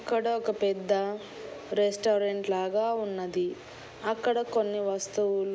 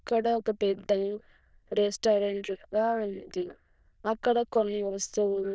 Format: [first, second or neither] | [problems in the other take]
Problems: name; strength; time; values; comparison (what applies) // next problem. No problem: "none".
first | noise reduction (neural diffusion model UNIVERSE++)